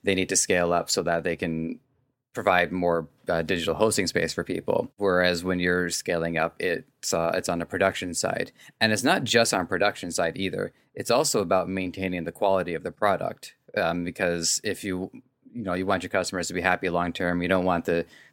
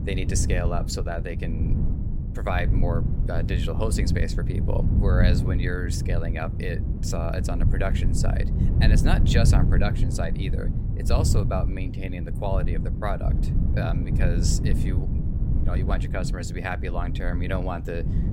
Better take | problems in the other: first | wind noise on the microphone; heavy; 6 dB below the speech

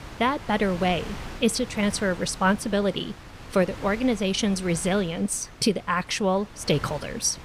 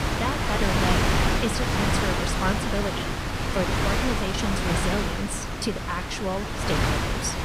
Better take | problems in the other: first | wind noise on the microphone; heavy; 5 dB above the speech; occasional gusts in the first

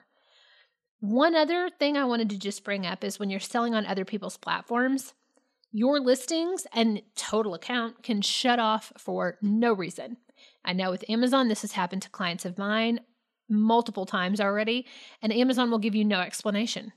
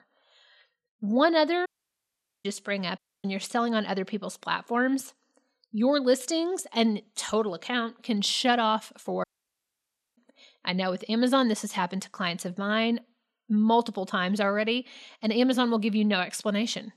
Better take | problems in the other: first | audio cutting out; at 1.5 s for 1 s, at 3 s and at 9 s for 1 s

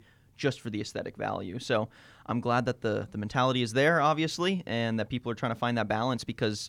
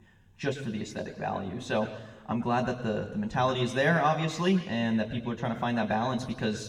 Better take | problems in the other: first | room echo; slight; dies away in 1.1 s // off-mic speech; somewhat distant

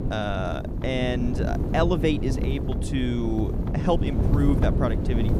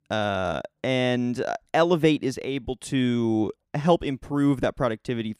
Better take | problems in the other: second | wind noise on the microphone; heavy; 6 dB below the speech

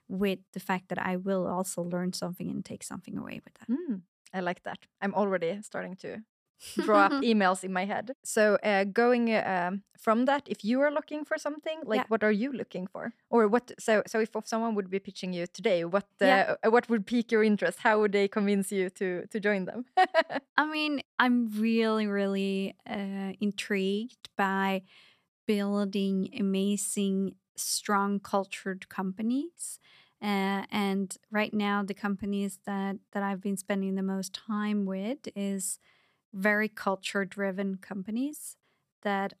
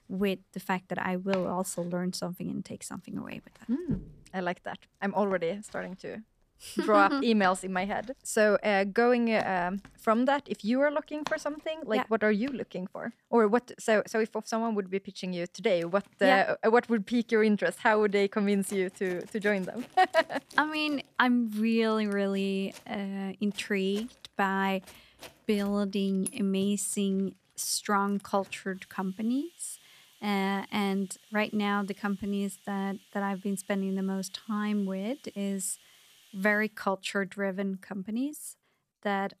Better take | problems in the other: first | household noises; faint; throughout; 20 dB below the speech

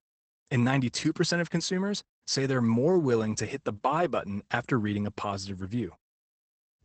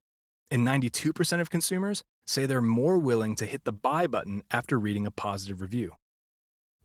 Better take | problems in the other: second | garbled, watery; badly; nothing above 8 kHz; slightly in the second

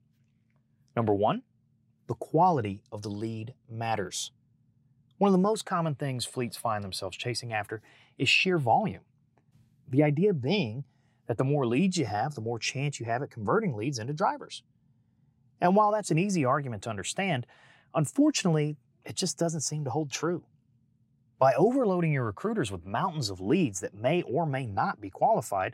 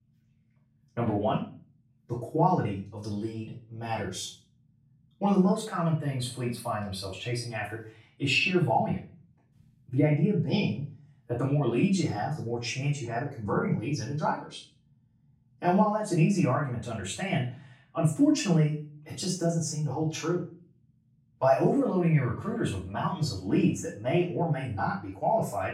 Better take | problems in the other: first | off-mic speech; far // room echo; noticeable; dies away in 0.3 s

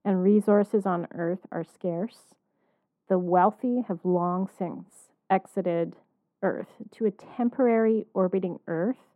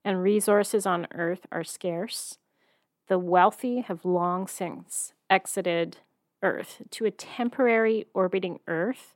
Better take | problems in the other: second | muffled; very; fading above 2 kHz

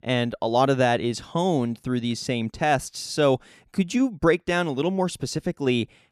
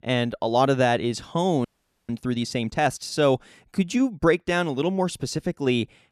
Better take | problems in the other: first | audio freezing; at 1.5 s

